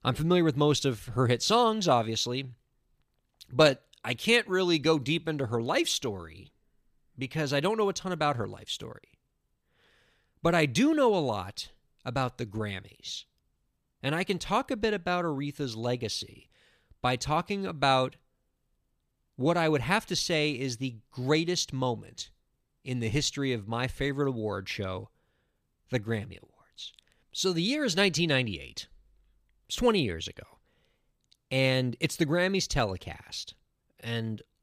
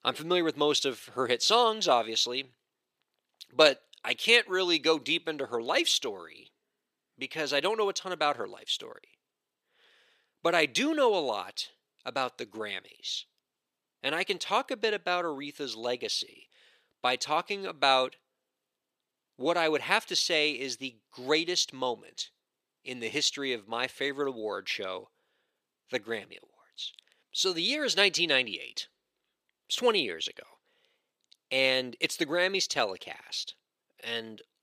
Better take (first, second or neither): first